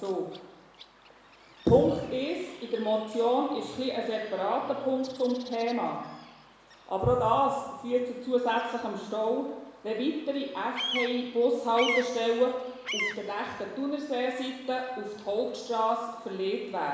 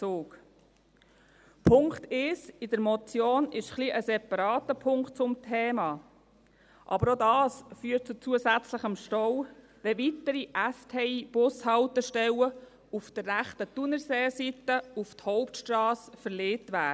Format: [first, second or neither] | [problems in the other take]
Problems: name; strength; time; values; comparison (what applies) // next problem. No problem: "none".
second | background sound (Bird vocalization, bird call, bird song); 13 dB below the speech // room echo; dies away in 1 s